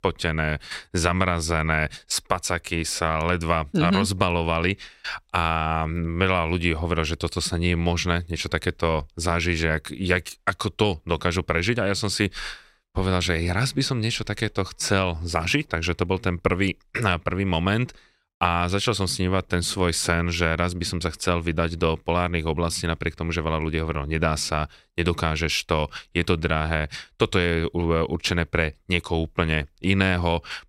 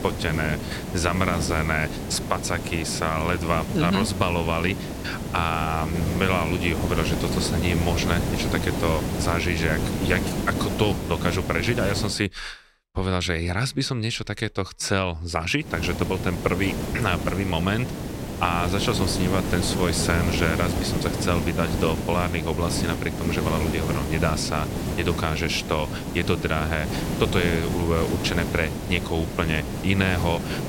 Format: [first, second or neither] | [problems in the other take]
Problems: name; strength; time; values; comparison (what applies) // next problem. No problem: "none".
first | hiss; loud; until 12 s and from 16 s on; 3 dB below the speech